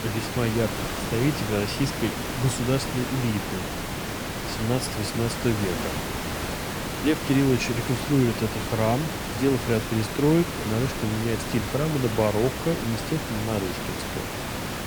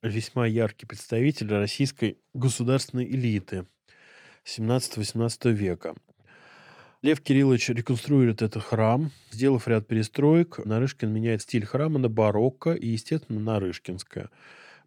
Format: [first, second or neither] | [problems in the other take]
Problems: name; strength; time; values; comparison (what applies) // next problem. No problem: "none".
second | hiss; loud; throughout; 4 dB below the speech